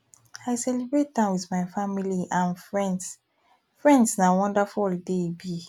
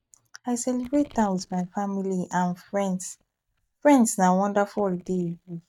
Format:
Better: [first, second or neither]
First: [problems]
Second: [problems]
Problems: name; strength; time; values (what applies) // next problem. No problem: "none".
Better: first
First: none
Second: noise reduction (neural mask model DeepFilterNet 3)